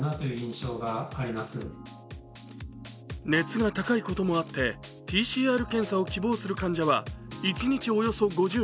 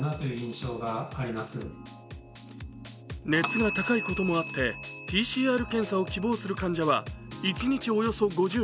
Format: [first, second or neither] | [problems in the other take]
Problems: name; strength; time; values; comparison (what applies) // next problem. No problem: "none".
first | background sound (Bell); 13 dB below the speech